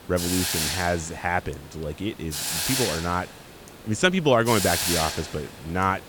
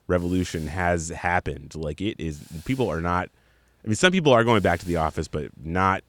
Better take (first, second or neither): second